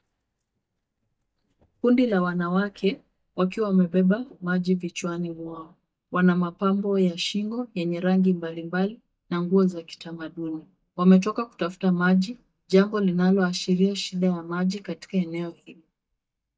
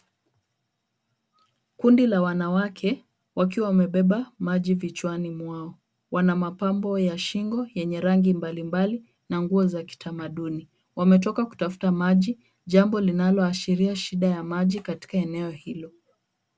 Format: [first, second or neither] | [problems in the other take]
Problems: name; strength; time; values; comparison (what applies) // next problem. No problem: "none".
second | noise reduction (neural mask model DeepFilterNet 3)